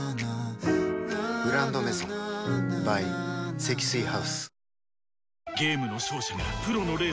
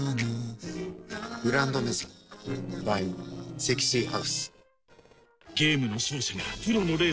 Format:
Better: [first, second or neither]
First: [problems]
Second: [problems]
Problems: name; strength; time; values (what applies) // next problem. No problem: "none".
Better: first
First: none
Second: noise reduction (neural separator model SepFormer DNS4)